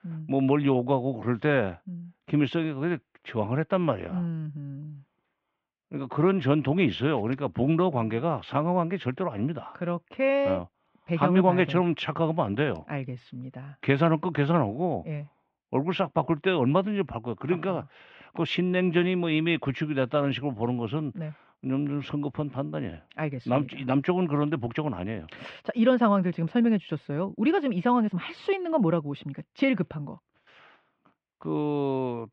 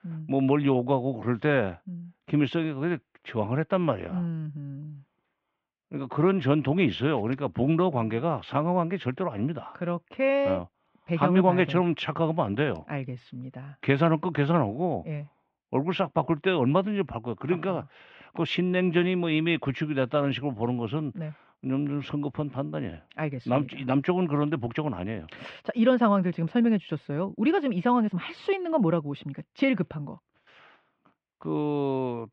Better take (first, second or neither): neither